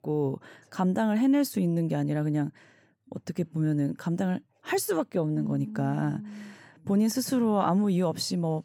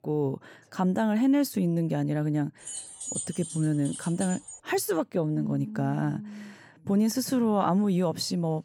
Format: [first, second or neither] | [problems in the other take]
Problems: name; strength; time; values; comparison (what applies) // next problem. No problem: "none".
first | jangling keys; noticeable; from 2.5 to 4.5 s; peak 5 dB below the speech